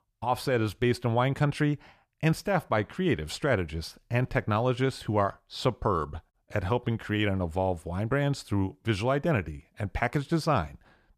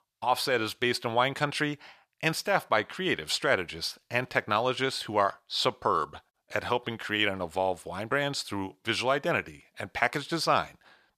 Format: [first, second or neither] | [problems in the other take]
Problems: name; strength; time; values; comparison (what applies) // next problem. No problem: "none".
first | thin; somewhat; fading below 800 Hz